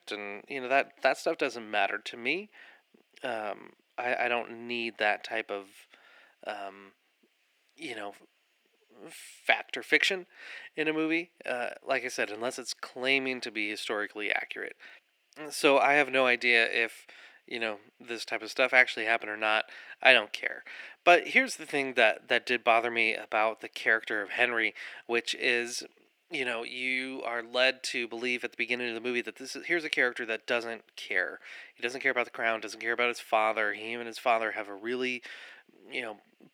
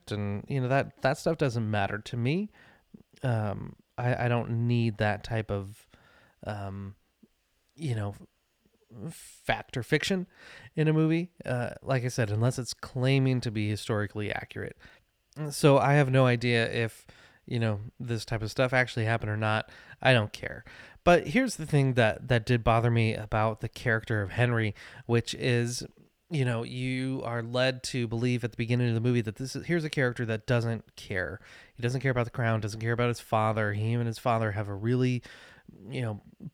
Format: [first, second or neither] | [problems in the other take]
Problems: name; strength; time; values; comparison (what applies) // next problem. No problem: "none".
second | thin; very; fading below 300 Hz